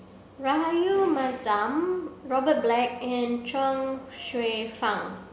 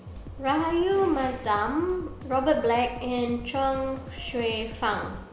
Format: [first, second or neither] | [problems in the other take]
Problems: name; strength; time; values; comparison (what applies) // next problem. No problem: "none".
first | background sound (Drum kit); 14 dB below the speech